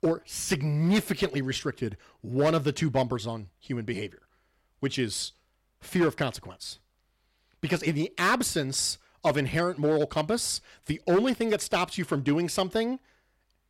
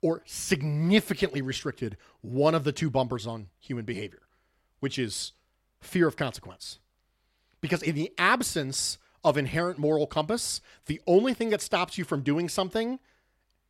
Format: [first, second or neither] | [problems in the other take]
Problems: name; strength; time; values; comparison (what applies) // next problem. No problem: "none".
second | distortion; slight; 3% of the sound clipped